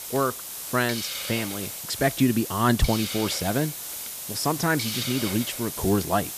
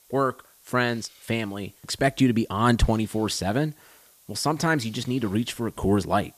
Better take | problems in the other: second | hiss; loud; throughout; 5 dB below the speech; faint in the second

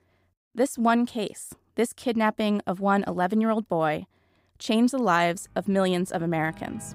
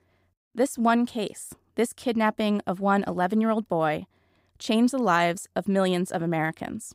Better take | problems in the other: second | background music; faint; from 5.5 s on; 25 dB below the speech

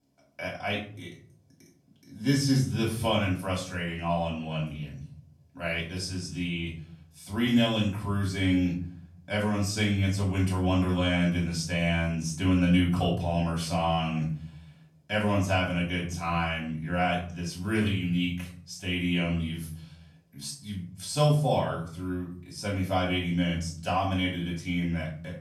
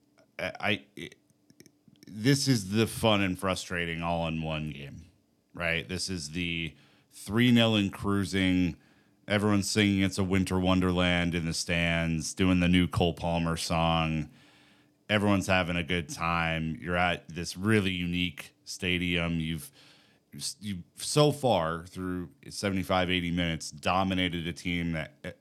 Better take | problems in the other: second | off-mic speech; far // room echo; slight; dies away in 0.5 s

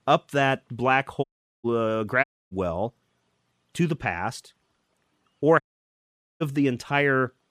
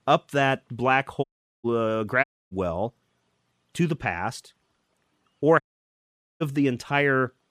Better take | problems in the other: neither | audio cutting out; at 1 s, at 2 s and at 5.5 s for 1 s; the same in both

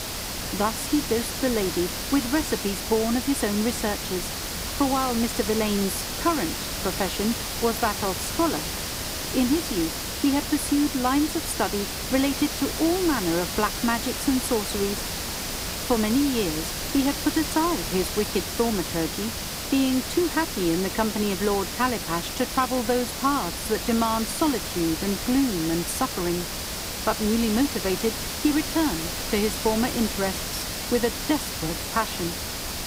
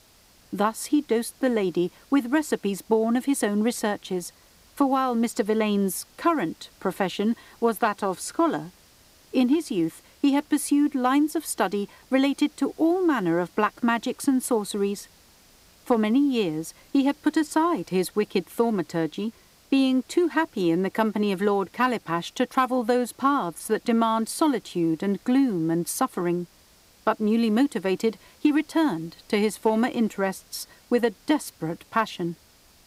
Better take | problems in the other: second | hiss; loud; throughout; 3 dB below the speech; faint in the second

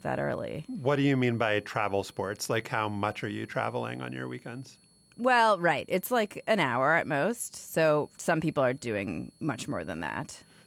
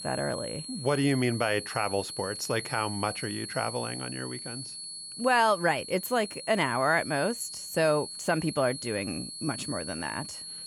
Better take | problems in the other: first | high-pitched whine; loud; throughout; 4.5 kHz, 8 dB below the speech; faint in the first

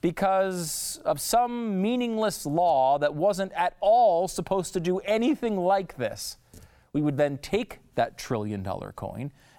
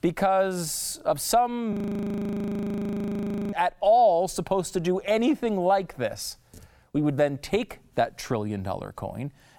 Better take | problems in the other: first | audio freezing; at 1.5 s for 2 s

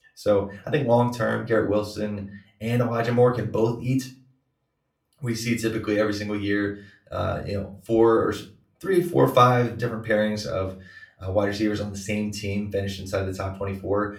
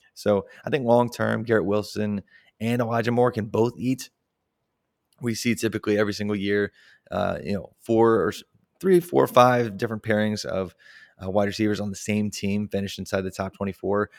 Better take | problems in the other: second | off-mic speech; somewhat distant // room echo; very slight; dies away in 0.3 s

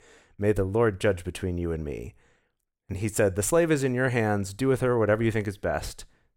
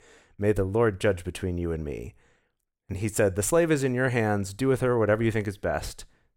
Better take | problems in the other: neither | none

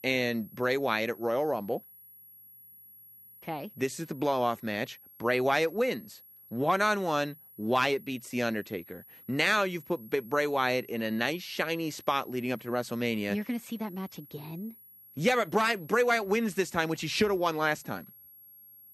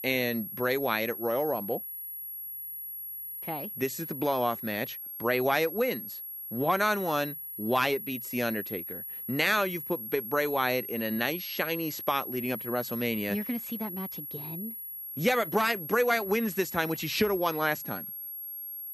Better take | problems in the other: first | high-pitched whine; loud; throughout; 11.5 kHz, 7 dB below the speech; faint in the first

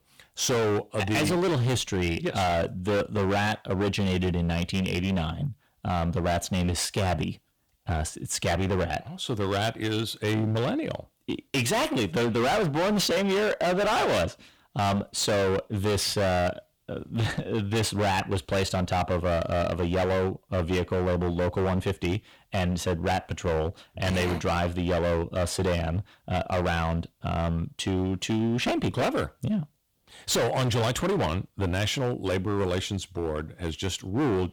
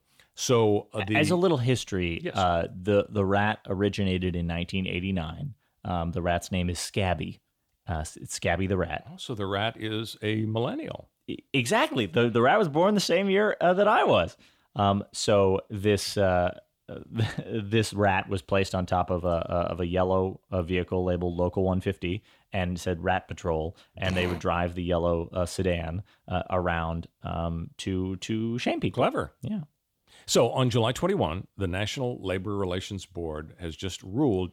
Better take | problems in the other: second | distortion; heavy; 22% of the sound clipped

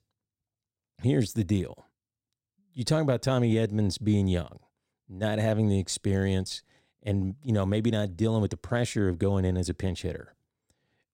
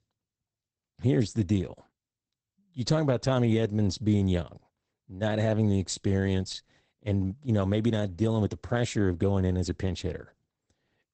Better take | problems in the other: first | garbled, watery; badly; nothing above 8 kHz

